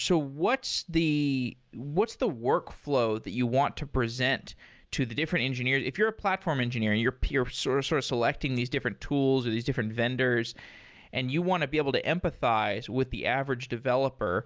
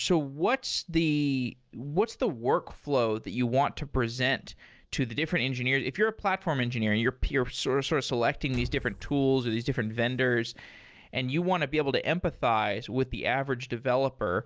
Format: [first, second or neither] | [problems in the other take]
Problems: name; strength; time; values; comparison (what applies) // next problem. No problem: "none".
first | noise reduction (neural separator model SepFormer DNS4)